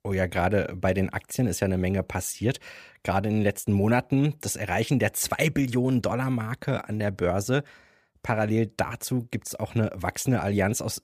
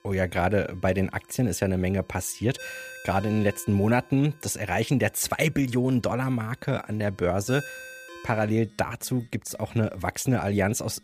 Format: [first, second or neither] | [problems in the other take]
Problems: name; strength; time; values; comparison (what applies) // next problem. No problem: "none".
first | alarms or sirens; noticeable; throughout; 15 dB below the speech